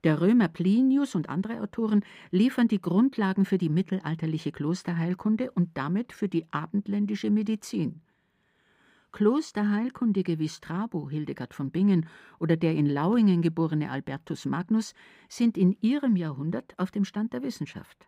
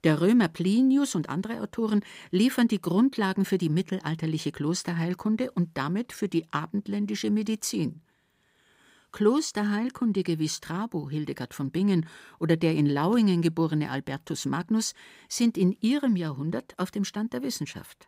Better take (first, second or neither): second